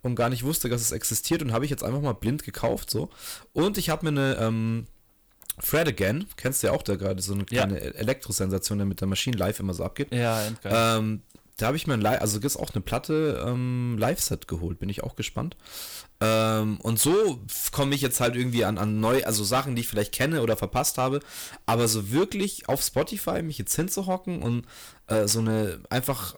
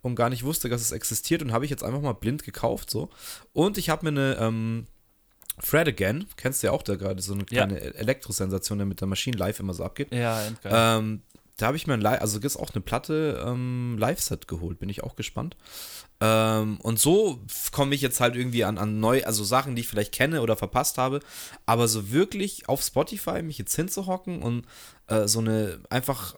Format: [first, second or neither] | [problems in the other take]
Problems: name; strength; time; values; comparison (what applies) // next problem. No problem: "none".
second | distortion; slight; 5% of the sound clipped